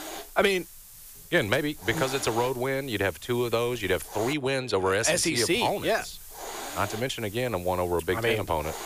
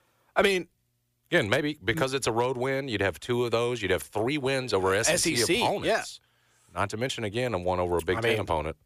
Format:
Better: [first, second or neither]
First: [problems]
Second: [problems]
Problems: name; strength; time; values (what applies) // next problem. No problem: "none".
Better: second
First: hiss; noticeable; until 4.5 s and from 5.5 s on; 15 dB below the speech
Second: none